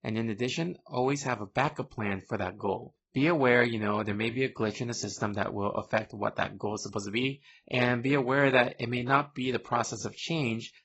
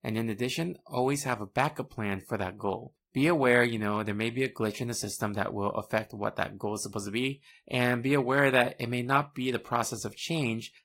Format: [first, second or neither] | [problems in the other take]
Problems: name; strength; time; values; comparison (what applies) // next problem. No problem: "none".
second | garbled, watery; badly; nothing above 7.5 kHz; slightly in the second